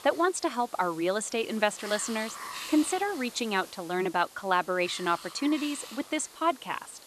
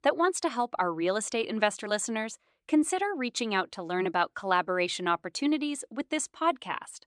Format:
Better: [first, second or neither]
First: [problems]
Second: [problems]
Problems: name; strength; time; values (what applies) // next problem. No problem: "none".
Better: second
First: hiss; noticeable; throughout; 15 dB below the speech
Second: none